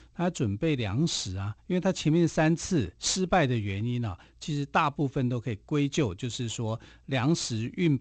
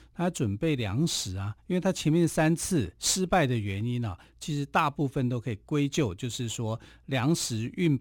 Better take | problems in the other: second | garbled, watery; slightly; nothing above 8 kHz

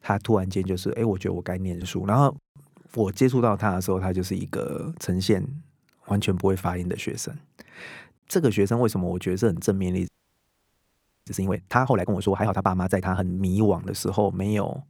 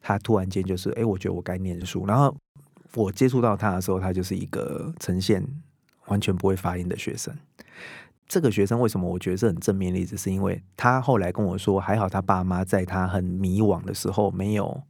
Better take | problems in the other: second | audio freezing; at 10 s for 1 s

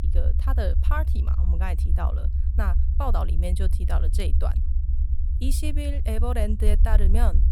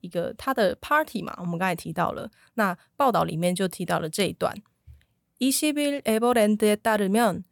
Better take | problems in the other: second | low rumble; loud; throughout; 9 dB below the speech

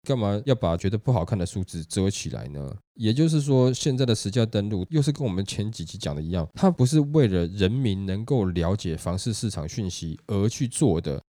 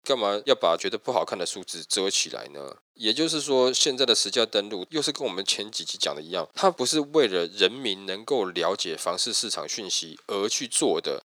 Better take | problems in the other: first | thin; very; fading below 400 Hz

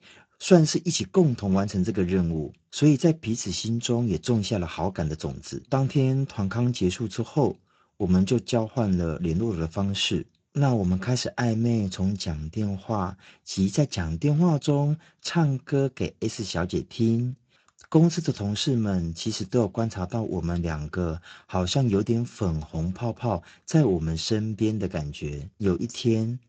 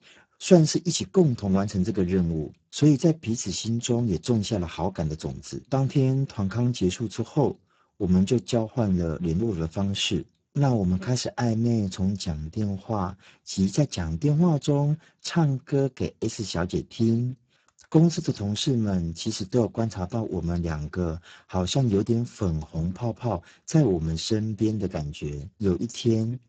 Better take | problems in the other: first | garbled, watery; badly; nothing above 7.5 kHz; slightly in the first

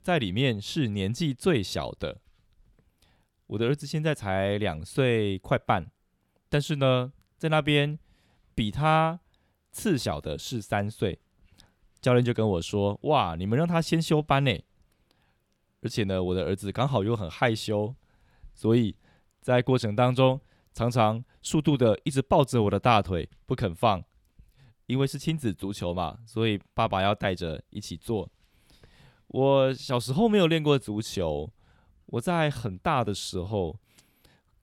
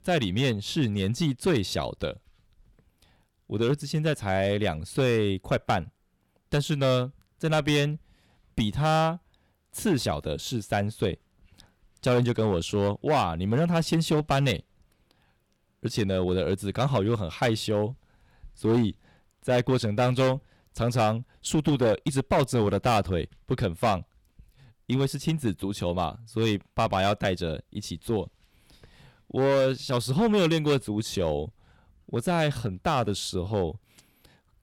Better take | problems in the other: first | distortion; slight; 5% of the sound clipped

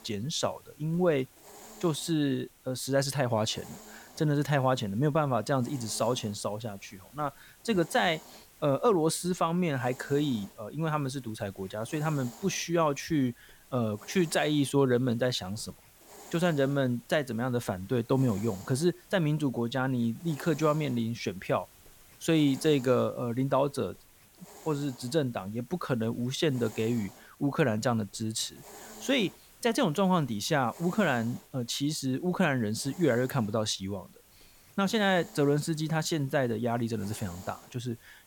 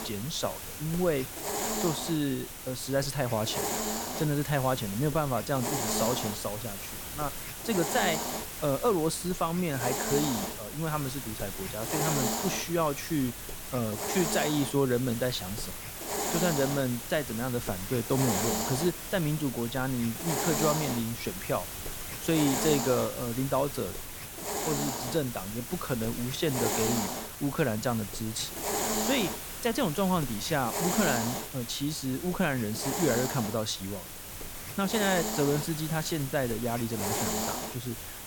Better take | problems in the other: first | hiss; loud; throughout; 3 dB below the speech; faint in the first

